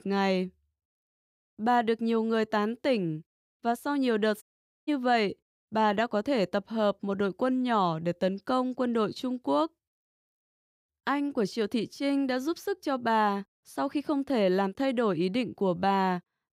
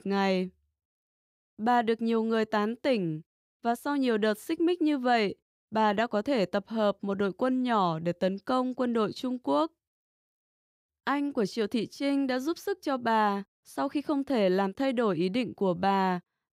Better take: second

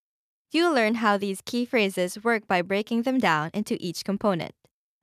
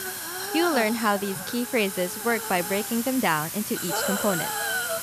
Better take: first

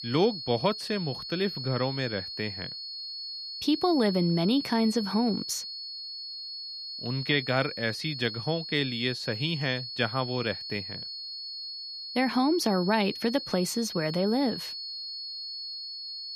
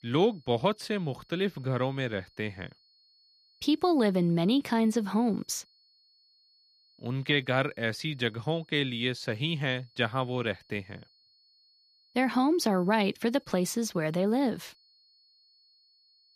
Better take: second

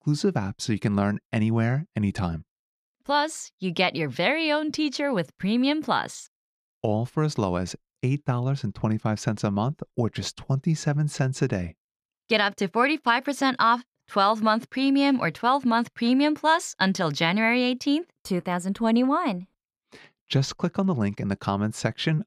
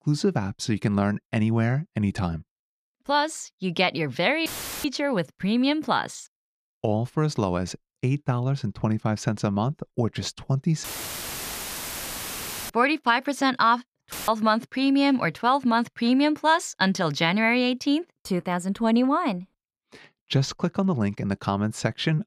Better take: first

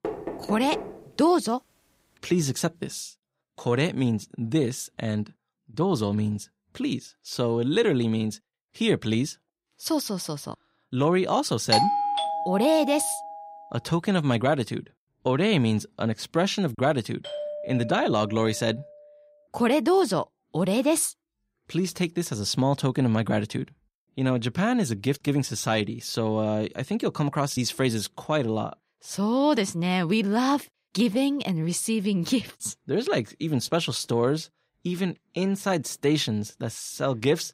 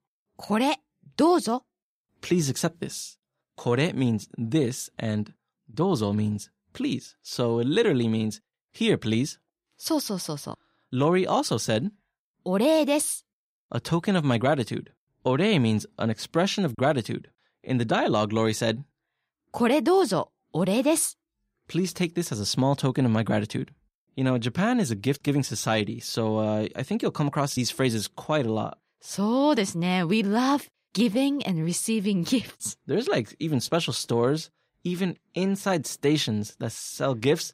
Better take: second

